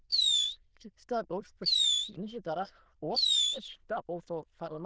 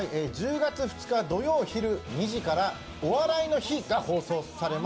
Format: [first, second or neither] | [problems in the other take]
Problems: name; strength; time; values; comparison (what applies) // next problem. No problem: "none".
second | noise reduction (neural diffusion model UNIVERSE++)